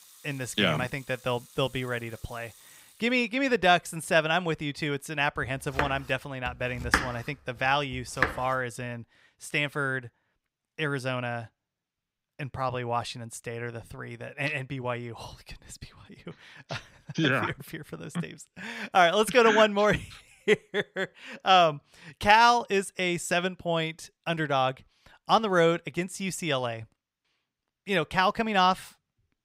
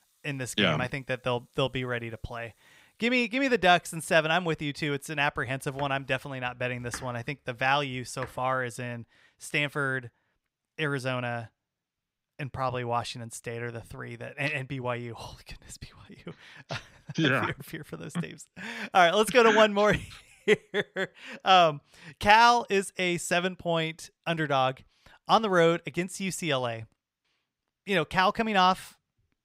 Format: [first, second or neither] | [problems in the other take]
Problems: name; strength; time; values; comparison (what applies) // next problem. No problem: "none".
second | household noises; loud; until 8.5 s; 4 dB below the speech; faint in the second